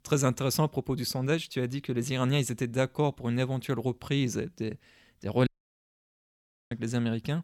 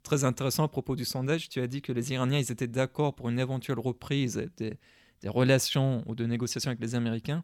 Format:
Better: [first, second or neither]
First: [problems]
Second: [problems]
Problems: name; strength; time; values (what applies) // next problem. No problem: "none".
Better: second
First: audio cutting out; at 5.5 s for 1 s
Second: none